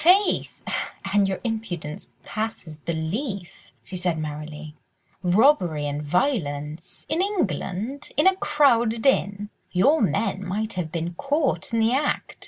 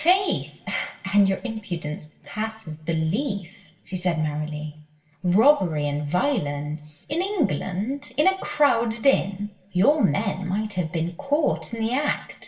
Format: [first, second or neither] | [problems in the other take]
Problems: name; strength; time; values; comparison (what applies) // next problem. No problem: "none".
first | room echo; dies away in 0.6 s